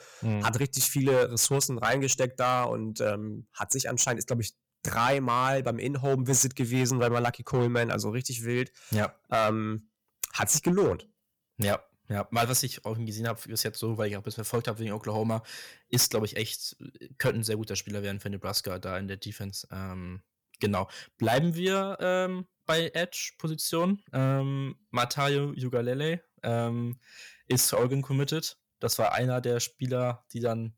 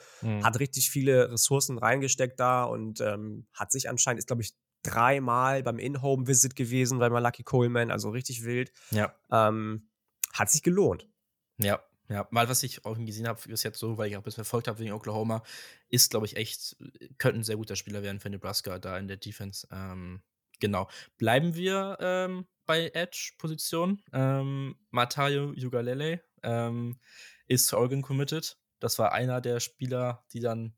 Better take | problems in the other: second | distortion; slight; 4% of the sound clipped

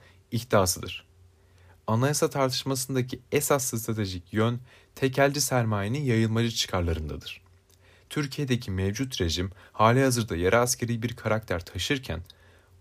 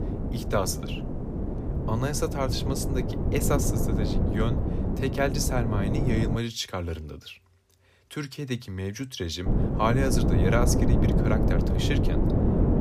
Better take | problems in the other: first | wind noise on the microphone; heavy; until 6.5 s and from 9.5 s on; 3 dB below the speech

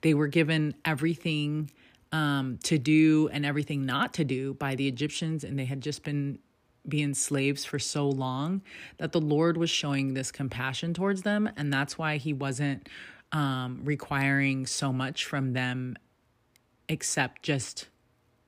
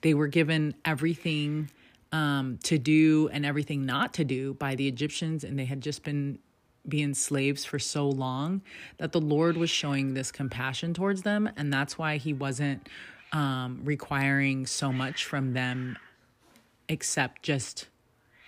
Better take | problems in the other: first | hiss; faint; throughout; 20 dB below the speech

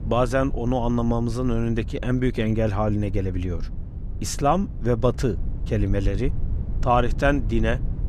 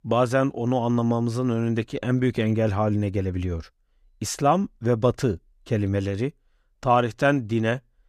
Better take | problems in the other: second | low rumble; faint; throughout; 20 dB below the speech

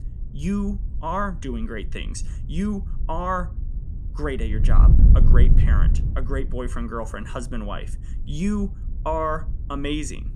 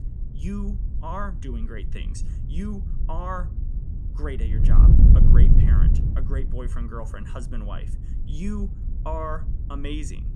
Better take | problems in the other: first | wind noise on the microphone; heavy; 3 dB below the speech; occasional gusts in the first

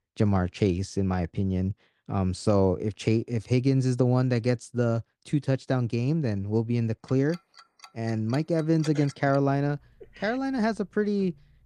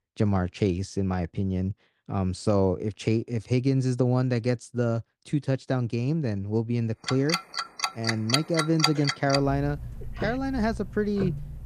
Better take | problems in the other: first | household noises; loud; from 7 s on; 3 dB below the speech; faint in the first

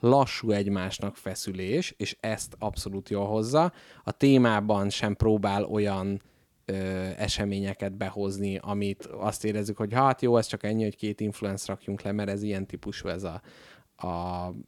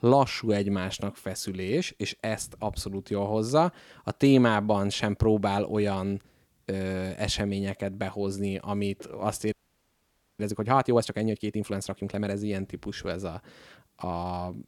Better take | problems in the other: first | audio freezing; at 9.5 s for 1 s

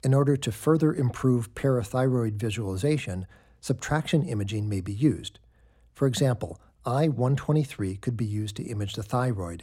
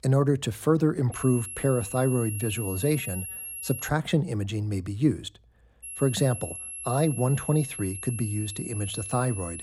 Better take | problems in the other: first | high-pitched whine; loud; from 1 to 4 s and from 6 s on; 11 kHz, 8 dB below the speech

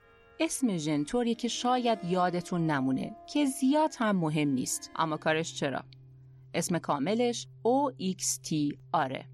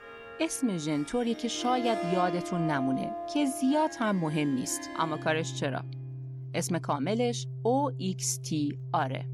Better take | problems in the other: first | background music; loud; throughout; 8 dB below the speech; faint in the first

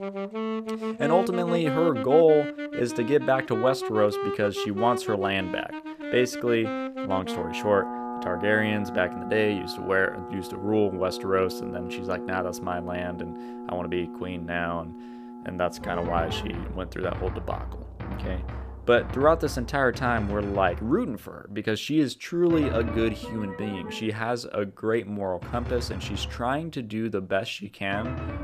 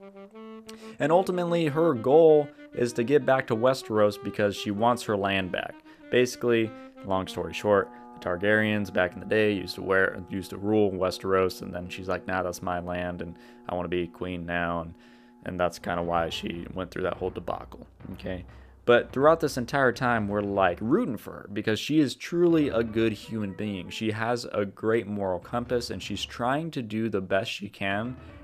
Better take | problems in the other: second | background music; loud; throughout; 7 dB below the speech; faint in the second

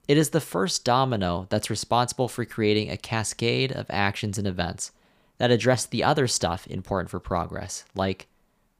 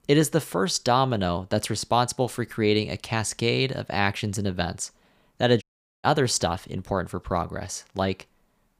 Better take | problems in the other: first | audio cutting out; at 5.5 s

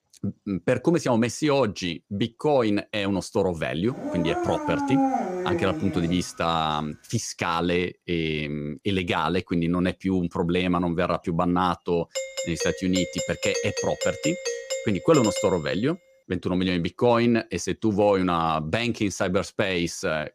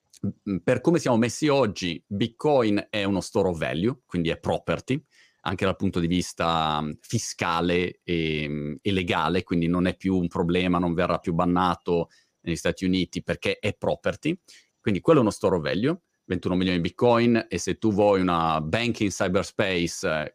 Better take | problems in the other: second | dog barking; loud; from 4 to 6 s; peak 2 dB above the speech // doorbell; noticeable; from 12 to 16 s; peak 3 dB below the speech

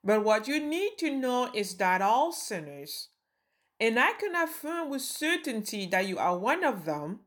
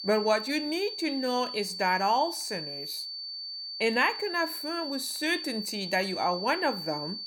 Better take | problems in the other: first | high-pitched whine; loud; throughout; 4.5 kHz, 6 dB below the speech

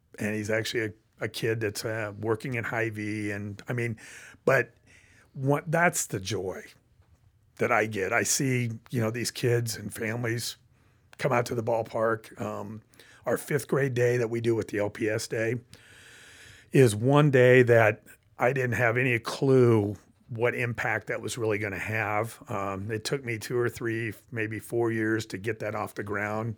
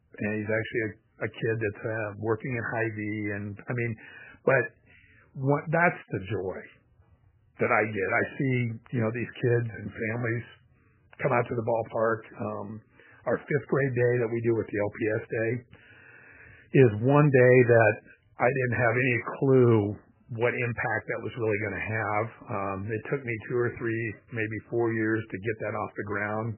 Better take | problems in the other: first | garbled, watery; badly; nothing above 2.5 kHz

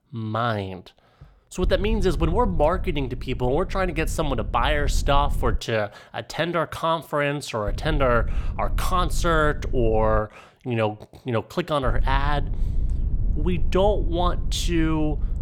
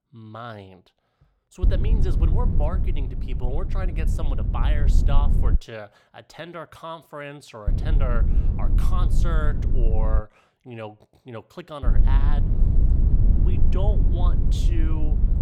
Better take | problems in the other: first | low rumble; loud; from 1.5 to 5.5 s, from 7.5 to 10 s and from 12 s on; 4 dB below the speech; faint in the first

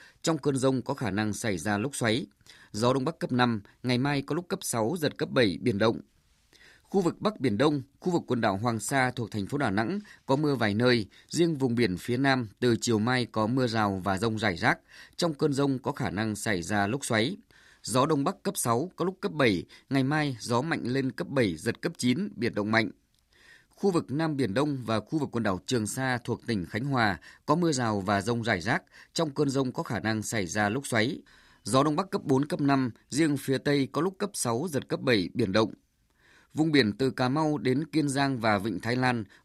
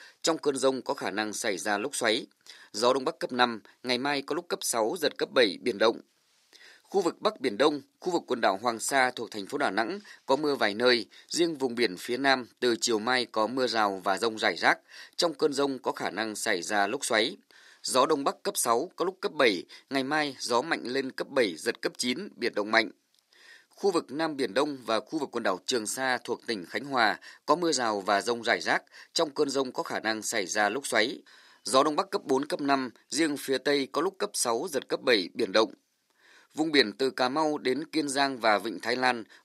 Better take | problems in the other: first | thin; somewhat; fading below 450 Hz

